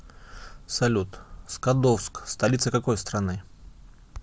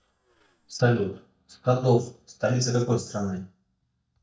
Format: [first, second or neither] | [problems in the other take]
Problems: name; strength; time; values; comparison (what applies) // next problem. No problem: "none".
first | noise reduction (neural mask model DeepFilterNet 3)